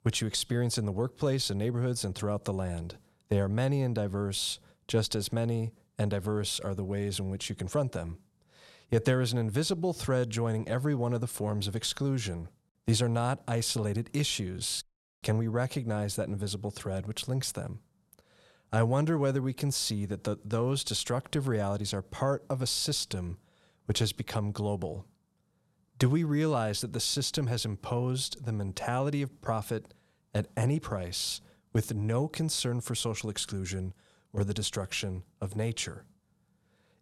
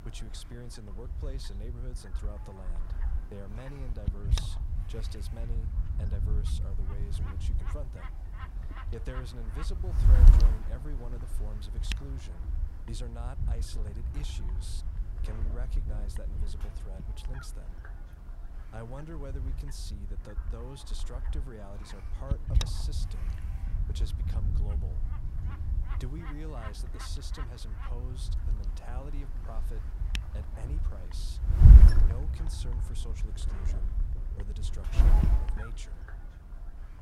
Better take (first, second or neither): first